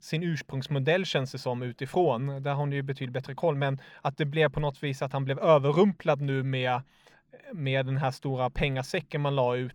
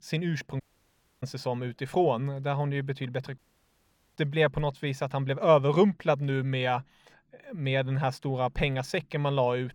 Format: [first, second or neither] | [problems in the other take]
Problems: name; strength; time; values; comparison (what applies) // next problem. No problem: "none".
first | audio cutting out; at 0.5 s for 0.5 s and at 3.5 s for 1 s